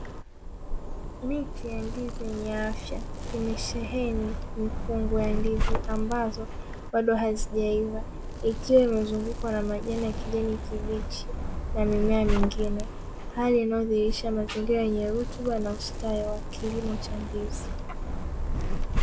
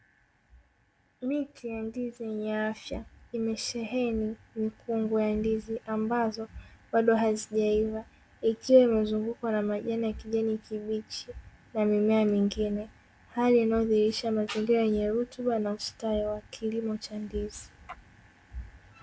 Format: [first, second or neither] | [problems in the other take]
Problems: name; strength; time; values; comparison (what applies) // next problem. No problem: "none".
second | background sound (Zipper (clothing)); 1 dB below the speech